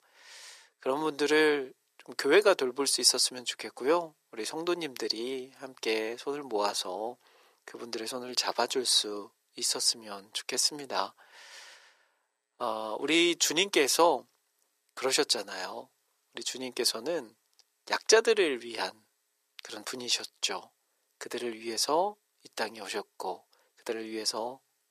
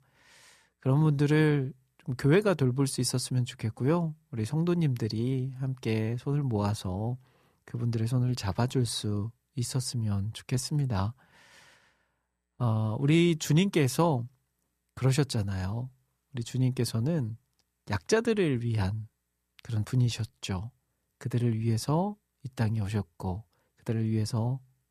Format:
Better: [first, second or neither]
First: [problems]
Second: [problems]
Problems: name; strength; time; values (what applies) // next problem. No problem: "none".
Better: second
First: thin; very; fading below 400 Hz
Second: none